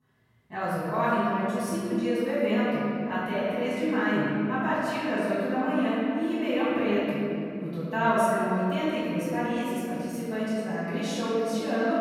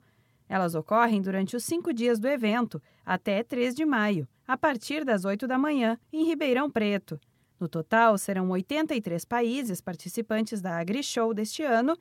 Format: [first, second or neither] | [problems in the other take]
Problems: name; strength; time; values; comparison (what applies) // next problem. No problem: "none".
second | off-mic speech; far // room echo; strong; dies away in 2.5 s